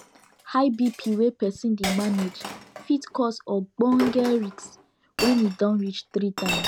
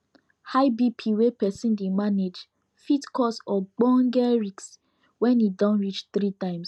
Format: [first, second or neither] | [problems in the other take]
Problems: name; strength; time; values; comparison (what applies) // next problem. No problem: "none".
second | background sound (Chink, clink); 10 dB below the speech